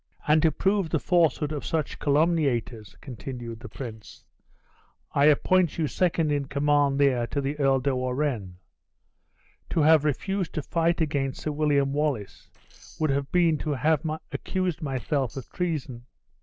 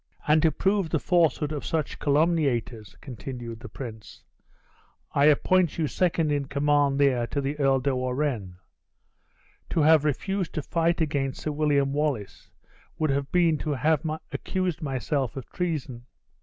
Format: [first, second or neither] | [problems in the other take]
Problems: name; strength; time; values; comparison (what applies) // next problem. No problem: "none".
second | noise reduction (neural separator model SepFormer DNS4)